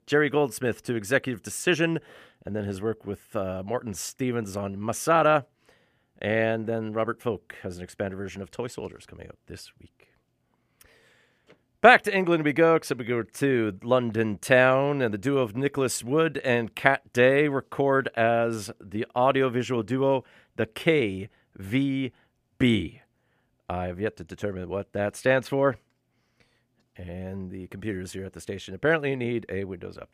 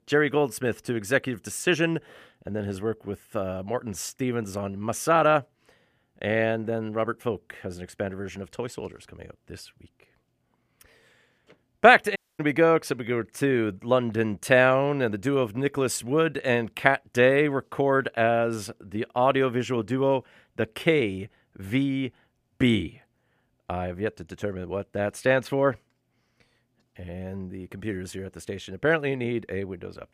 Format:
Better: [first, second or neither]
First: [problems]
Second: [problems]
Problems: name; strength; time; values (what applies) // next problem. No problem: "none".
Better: first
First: none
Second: audio cutting out; at 12 s